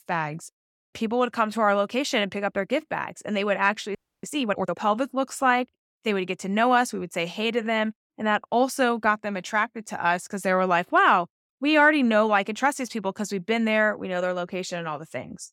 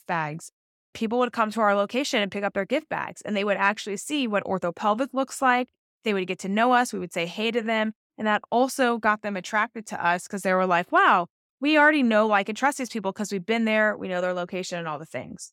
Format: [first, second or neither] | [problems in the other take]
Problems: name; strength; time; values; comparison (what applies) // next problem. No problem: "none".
second | audio freezing; at 4 s